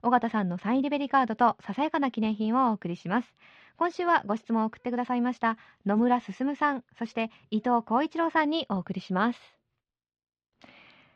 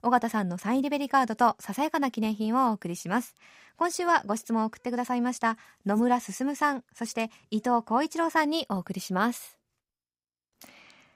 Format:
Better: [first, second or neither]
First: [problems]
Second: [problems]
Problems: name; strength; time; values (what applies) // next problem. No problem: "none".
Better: second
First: muffled; slightly; fading above 3.5 kHz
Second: none